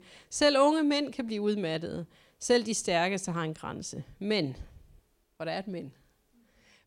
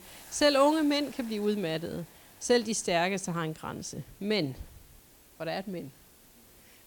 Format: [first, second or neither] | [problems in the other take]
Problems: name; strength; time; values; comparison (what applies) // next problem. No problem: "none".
first | hiss; faint; throughout; 20 dB below the speech